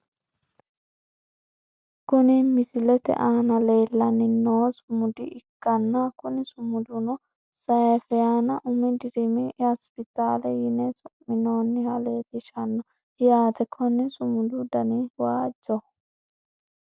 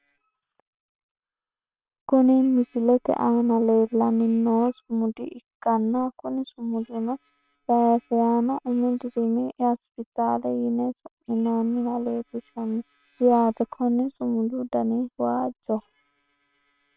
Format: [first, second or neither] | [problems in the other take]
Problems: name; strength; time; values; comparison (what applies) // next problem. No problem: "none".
first | noise reduction (neural separator model SepFormer WHAM!)